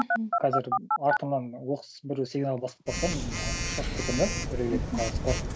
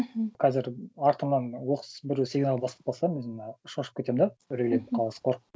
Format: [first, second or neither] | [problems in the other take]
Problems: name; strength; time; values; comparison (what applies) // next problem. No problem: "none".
second | background sound (Telephone); 1 dB below the speech